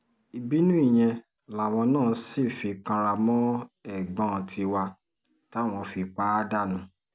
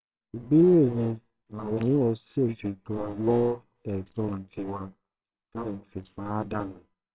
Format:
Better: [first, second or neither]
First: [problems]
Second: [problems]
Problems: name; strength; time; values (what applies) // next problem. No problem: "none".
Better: first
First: none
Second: noise reduction (neural separator model SepFormer WHAMR!)